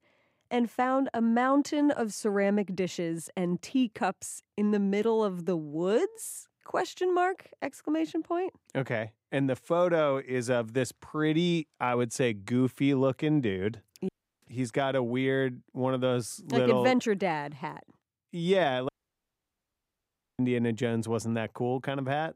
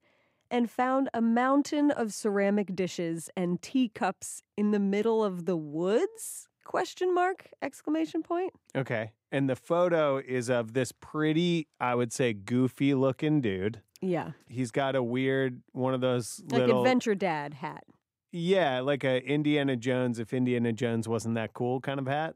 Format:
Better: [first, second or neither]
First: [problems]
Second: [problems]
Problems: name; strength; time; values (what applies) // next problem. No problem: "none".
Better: second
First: audio cutting out; at 14 s and at 19 s for 1.5 s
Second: none